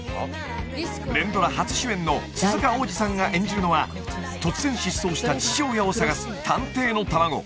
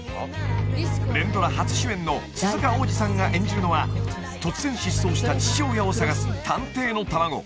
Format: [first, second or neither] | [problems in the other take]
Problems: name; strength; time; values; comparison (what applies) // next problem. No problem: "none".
first | background sound (Bowed string instrument); as loud as the speech